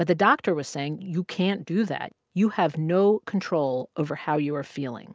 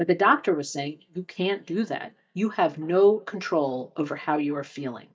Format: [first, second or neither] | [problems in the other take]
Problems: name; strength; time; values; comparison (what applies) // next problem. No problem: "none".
first | noise reduction (neural mask model DeepFilterNet 3)